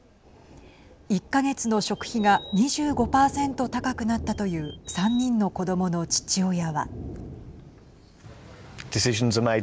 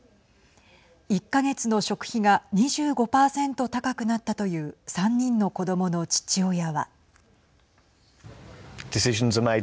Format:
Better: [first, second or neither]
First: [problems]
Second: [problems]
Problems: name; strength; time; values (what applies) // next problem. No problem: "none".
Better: second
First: background sound (Bird vocalization, bird call, bird song + Thunder); 15 dB below the speech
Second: none